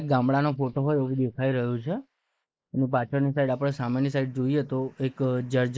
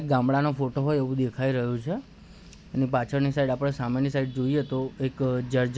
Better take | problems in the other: second | noise reduction (neural mask model Resemble Enhance denoiser)

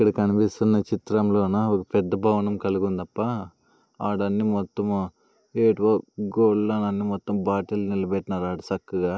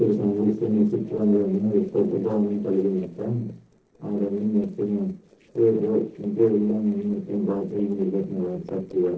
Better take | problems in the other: first | noise reduction (neural separator model SepFormer DNS4)

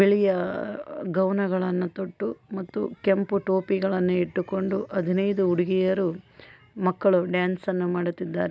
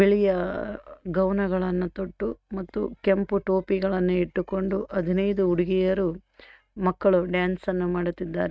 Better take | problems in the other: first | noise reduction (neural mask model RNNoise)

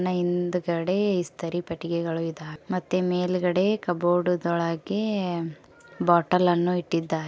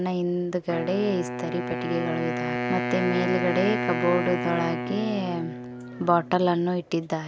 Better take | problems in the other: first | background sound (Wind instrument, woodwind instrument); 4 dB below the speech

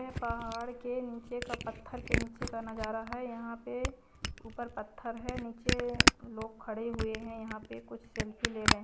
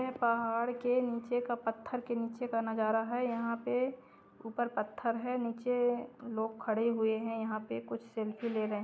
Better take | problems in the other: second | background sound (Camera); 4 dB above the speech

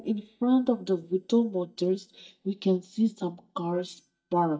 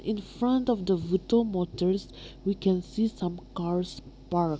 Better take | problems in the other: second | noise reduction (neural mask model DeepFilterNet 3)

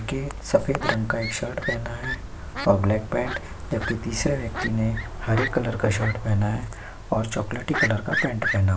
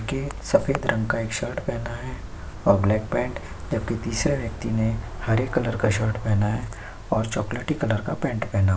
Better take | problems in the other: second | background sound (Fowl); 9 dB below the speech

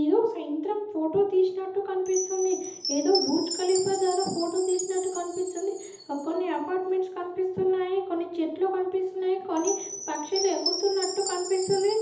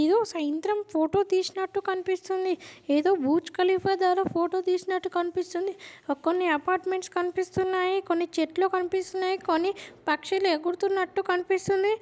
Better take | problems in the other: second | background sound (Chime); 10 dB below the speech // room echo; dies away in 0.8 s

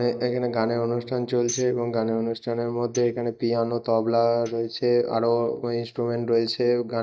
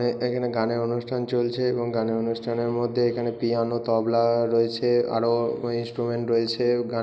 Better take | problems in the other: second | noise reduction (neural mask model DeepFilterNet 3)

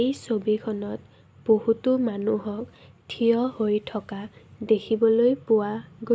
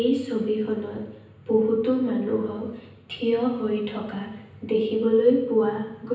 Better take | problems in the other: first | room echo; dies away in 0.9 s

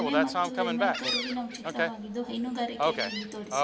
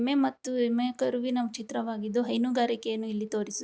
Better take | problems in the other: second | background sound (Gull, seagull); 3 dB above the speech // room echo; dies away in 2.2 s

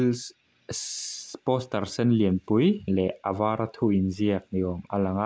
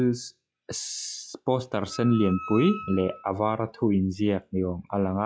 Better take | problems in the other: first | noise reduction (classical method log-MMSE)

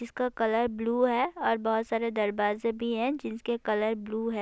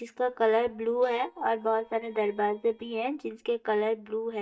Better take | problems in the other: first | noise reduction (neural mask model DeepFilterNet 3)

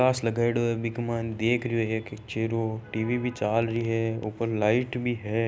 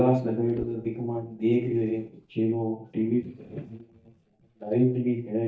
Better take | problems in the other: first | noise reduction (neural mask model DeepFilterNet 3)

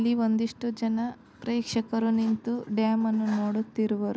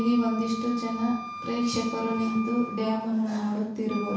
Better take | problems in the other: first | background sound (Wind instrument, woodwind instrument); 11 dB below the speech // room echo; dies away in 0.7 s

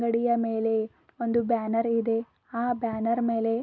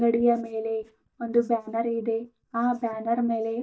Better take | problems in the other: first | noise reduction (neural mask model DeepFilterNet 3)

